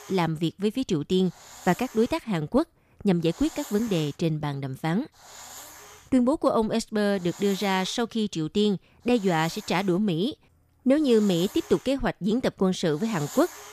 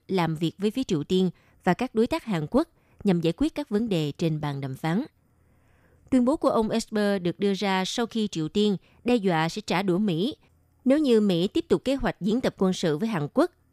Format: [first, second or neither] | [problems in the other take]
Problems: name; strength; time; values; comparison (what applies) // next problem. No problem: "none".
second | hiss; noticeable; throughout; 20 dB below the speech